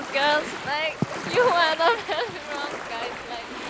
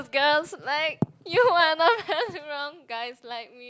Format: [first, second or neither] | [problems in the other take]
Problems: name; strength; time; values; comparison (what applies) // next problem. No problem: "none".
second | background sound (Ocean); 8 dB below the speech